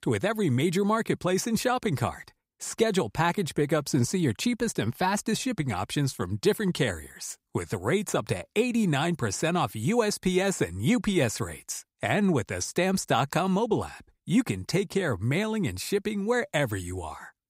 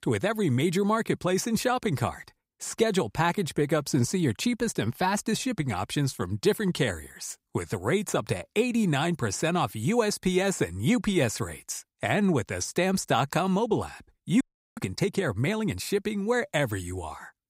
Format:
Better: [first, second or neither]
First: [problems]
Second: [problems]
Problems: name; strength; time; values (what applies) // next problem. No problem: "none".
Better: first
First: none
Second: audio freezing; at 14 s